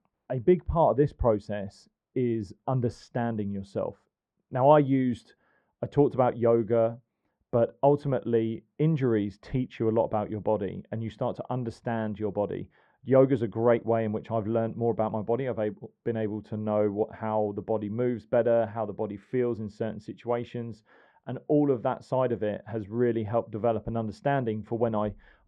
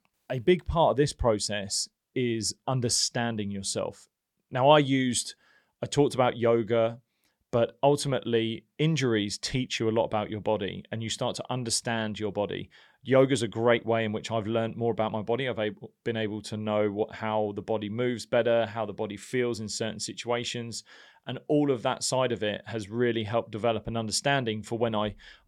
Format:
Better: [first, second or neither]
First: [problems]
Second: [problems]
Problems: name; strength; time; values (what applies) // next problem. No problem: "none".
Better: second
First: muffled; very; fading above 3 kHz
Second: none